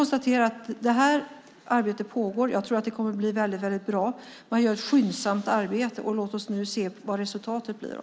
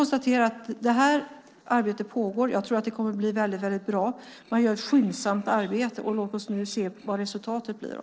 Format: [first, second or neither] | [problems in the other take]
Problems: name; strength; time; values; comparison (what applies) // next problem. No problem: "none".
first | noise reduction (neural separator model SepFormer DNS4)